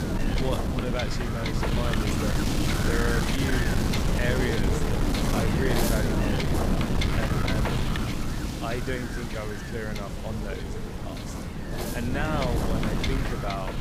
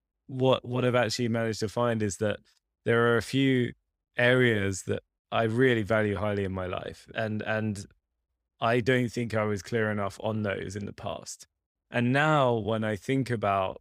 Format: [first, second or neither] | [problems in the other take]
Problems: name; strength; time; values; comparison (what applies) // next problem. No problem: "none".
second | wind noise on the microphone; heavy; 3 dB above the speech